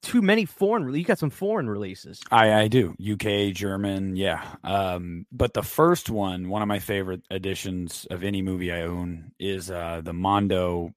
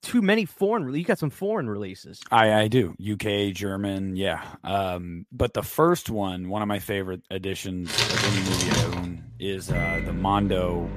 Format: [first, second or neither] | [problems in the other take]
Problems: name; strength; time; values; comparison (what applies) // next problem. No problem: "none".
first | household noises; loud; from 8 s on; as loud as the speech